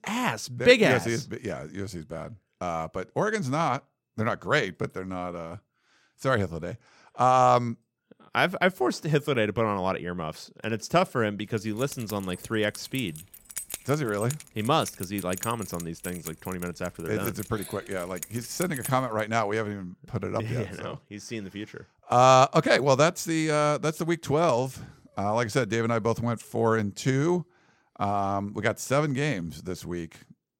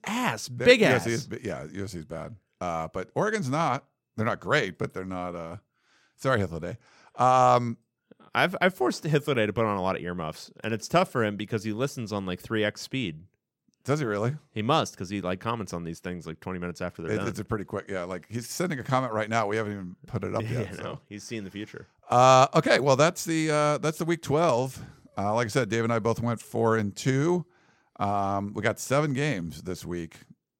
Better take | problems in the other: second | jangling keys; noticeable; from 12 to 19 s; peak 8 dB below the speech

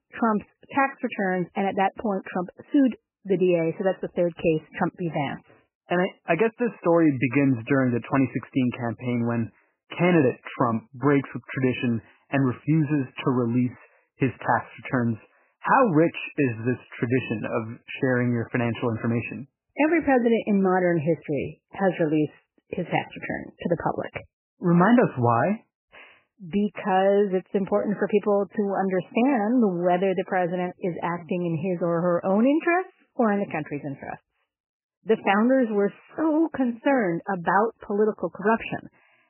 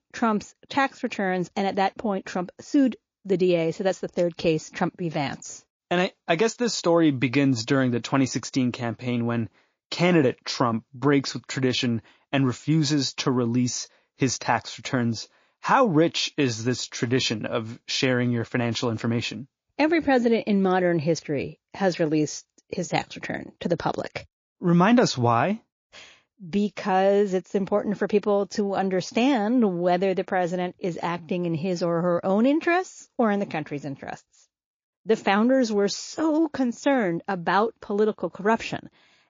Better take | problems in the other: second | garbled, watery; badly; nothing above 3 kHz; slightly in the second

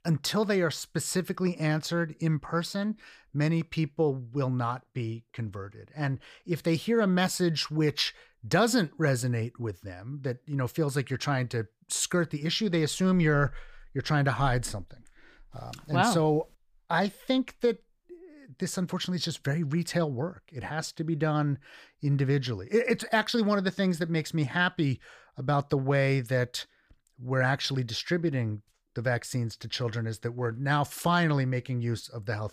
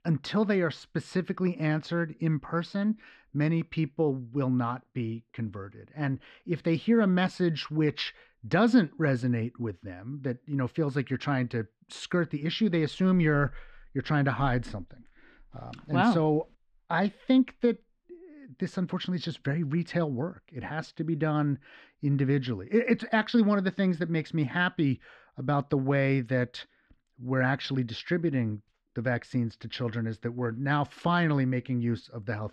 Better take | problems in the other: first | muffled; slightly; fading above 3 kHz

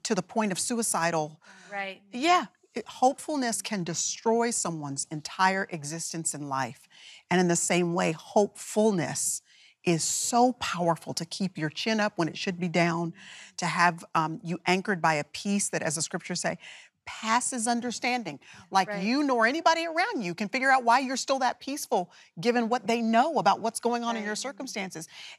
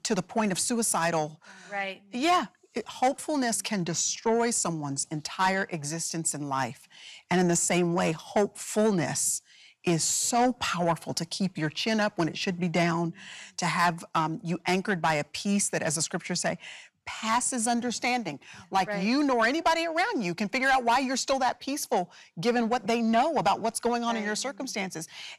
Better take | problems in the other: first | distortion; slight; 10 dB below the speech

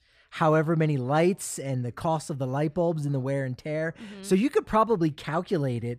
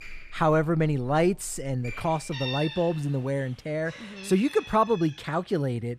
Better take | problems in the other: first | animal sounds; noticeable; throughout; 15 dB below the speech

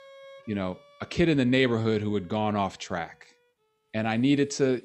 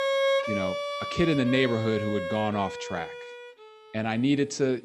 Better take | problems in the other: first | background music; loud; throughout; 3 dB below the speech; faint in the first

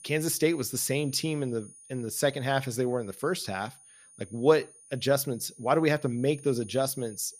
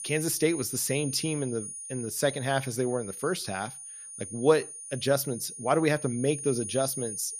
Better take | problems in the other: first | high-pitched whine; loud; throughout; 9.5 kHz, 9 dB below the speech; faint in the first

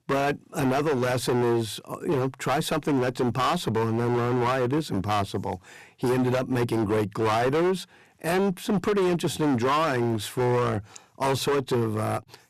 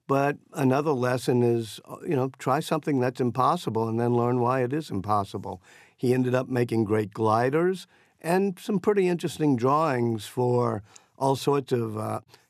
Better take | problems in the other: second | distortion; heavy; 20% of the sound clipped

